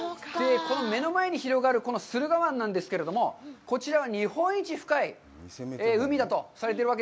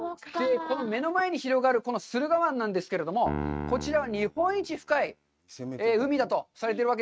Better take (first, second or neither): first